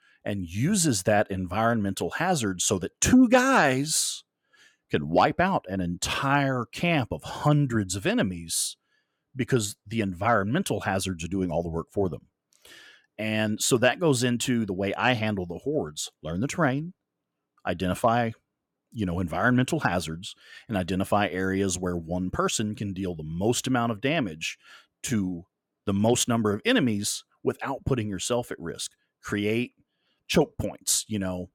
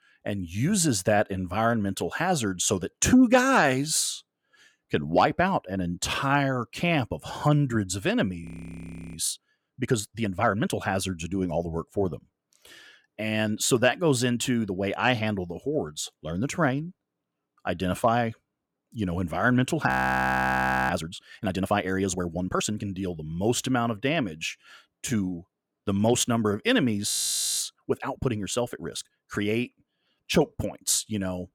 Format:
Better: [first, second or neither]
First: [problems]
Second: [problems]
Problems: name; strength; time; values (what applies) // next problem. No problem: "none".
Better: first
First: none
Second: audio freezing; at 8.5 s for 0.5 s, at 20 s for 1 s and at 27 s for 0.5 s